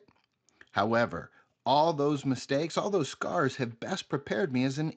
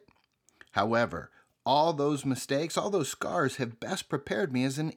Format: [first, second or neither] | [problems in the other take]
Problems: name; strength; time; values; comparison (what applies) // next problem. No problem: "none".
second | garbled, watery; slightly; nothing above 7.5 kHz